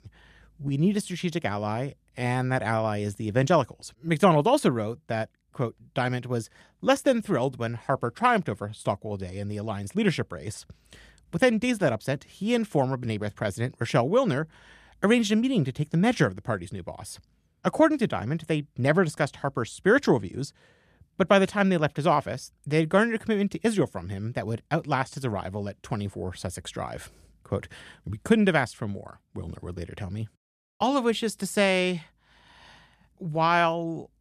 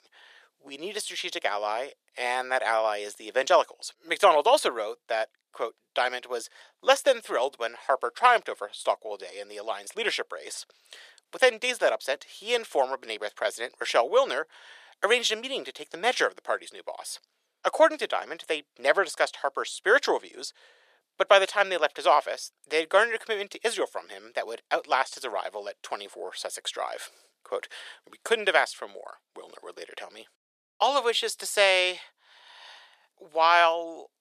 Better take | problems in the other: first | thin; very; fading below 500 Hz

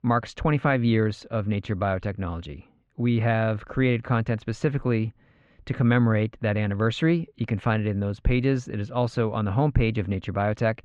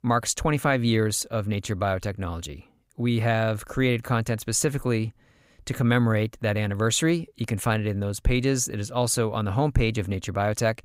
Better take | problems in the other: second | muffled; very; fading above 3 kHz

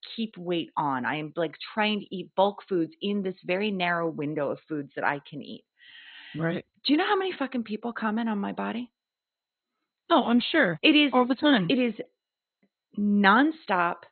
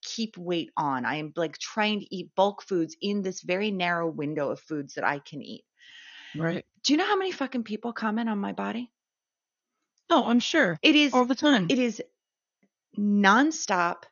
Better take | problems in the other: second | garbled, watery; badly; nothing above 4 kHz; slightly in the second

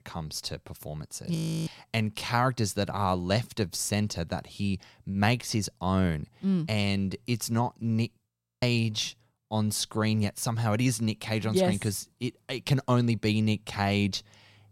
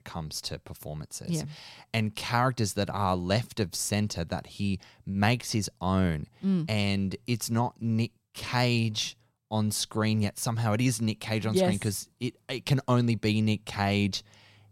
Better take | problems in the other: second | audio freezing; at 1.5 s and at 8.5 s

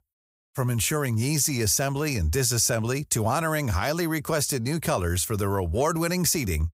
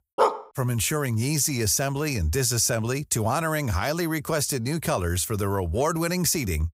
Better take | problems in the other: first | dog barking; loud; at the start; peak 1 dB above the speech

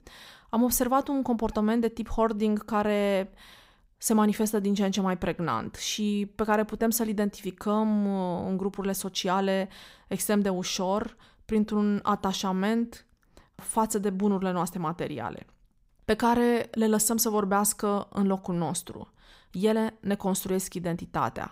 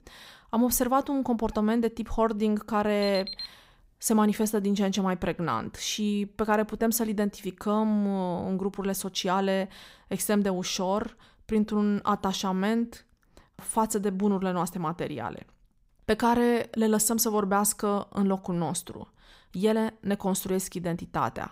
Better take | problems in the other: first | alarm; noticeable; at 3 s; peak 7 dB below the speech

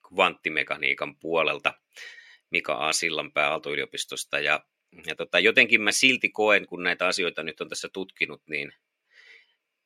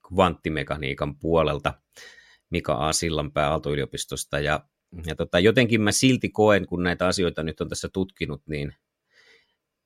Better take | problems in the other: second | thin; somewhat; fading below 300 Hz

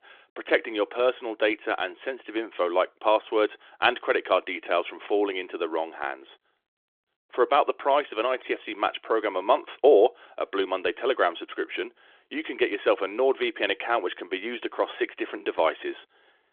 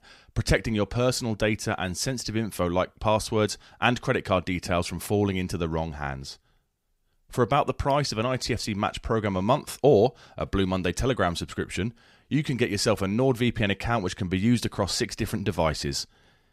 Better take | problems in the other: second | phone-call audio; nothing above 3.5 kHz

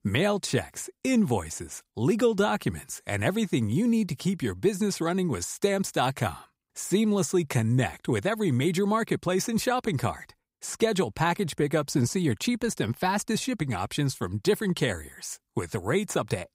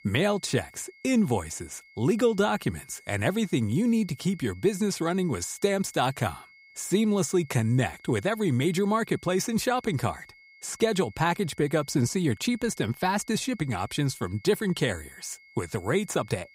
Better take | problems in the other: first | high-pitched whine; faint; throughout; 2 kHz, 25 dB below the speech

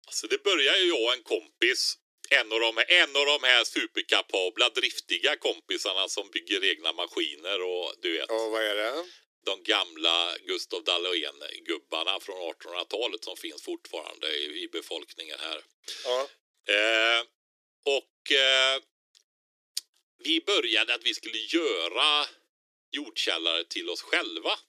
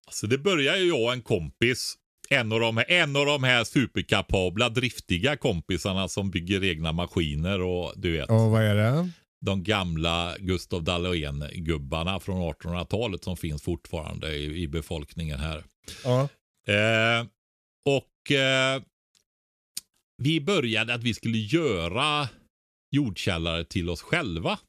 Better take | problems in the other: second | thin; very; fading below 300 Hz

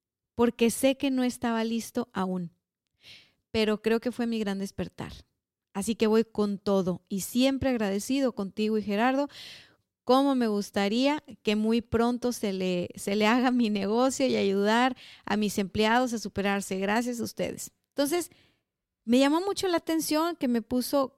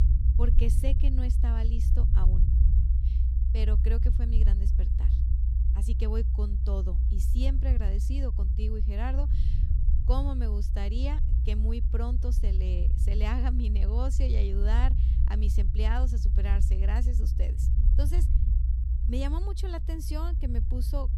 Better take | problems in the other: first | low rumble; loud; throughout; 6 dB below the speech

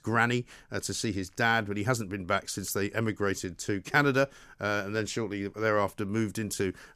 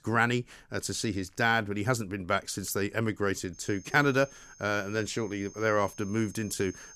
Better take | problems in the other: first | high-pitched whine; faint; from 3.5 s on; 6.5 kHz, 20 dB below the speech

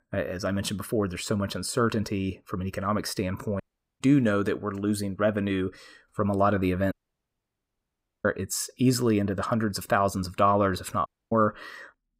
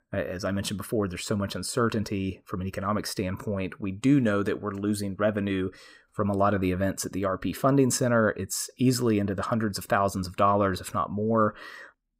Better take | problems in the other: second | audio cutting out; at 3.5 s, at 7 s for 1.5 s and at 11 s

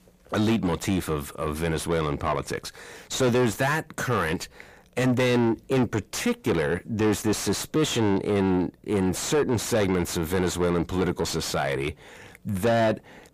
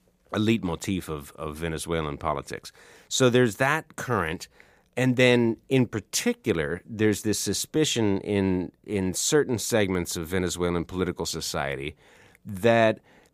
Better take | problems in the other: second | distortion; heavy; 6 dB below the speech

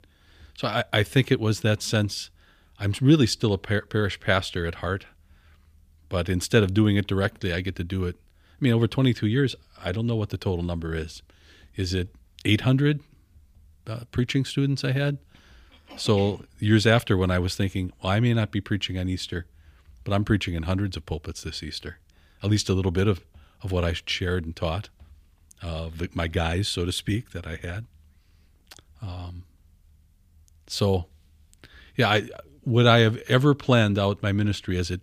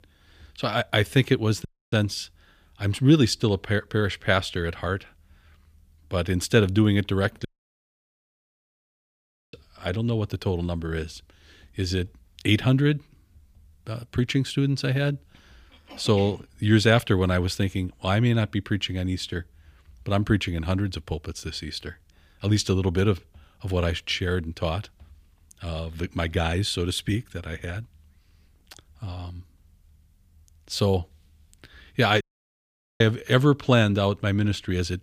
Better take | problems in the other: first | audio cutting out; at 1.5 s, at 7.5 s for 2 s and at 32 s for 1 s

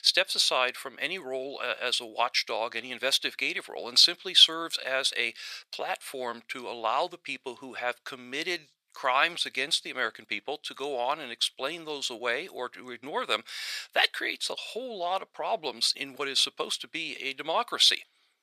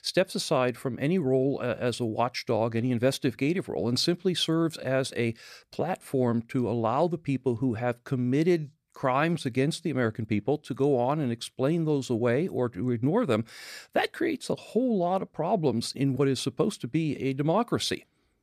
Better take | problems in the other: second | thin; very; fading below 900 Hz

